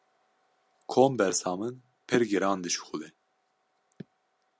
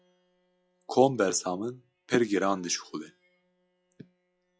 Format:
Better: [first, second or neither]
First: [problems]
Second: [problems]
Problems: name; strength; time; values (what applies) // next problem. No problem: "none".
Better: first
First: none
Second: noise reduction (classical method log-MMSE)